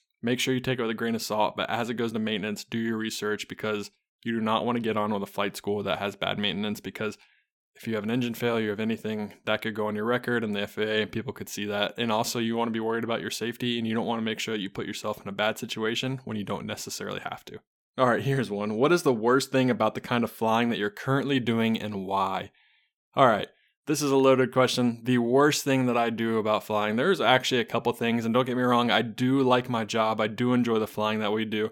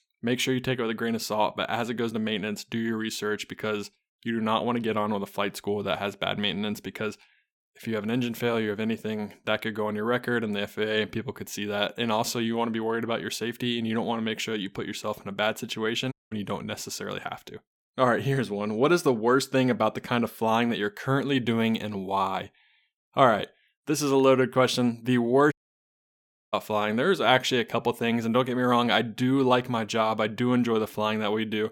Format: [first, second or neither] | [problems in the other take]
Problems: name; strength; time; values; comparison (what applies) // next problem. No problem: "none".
first | audio cutting out; at 16 s and at 26 s for 1 s